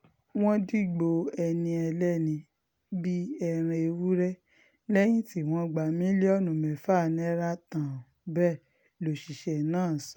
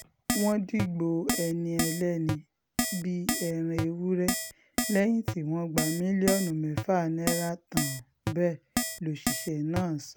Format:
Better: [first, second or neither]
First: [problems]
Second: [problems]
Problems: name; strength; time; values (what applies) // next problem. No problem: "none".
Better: first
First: none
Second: background sound (Keyboard (musical)); 4 dB below the speech